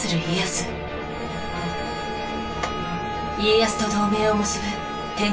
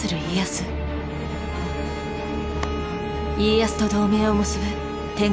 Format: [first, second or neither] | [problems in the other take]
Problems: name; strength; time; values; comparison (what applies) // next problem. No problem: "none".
second | room echo; dies away in 0.2 s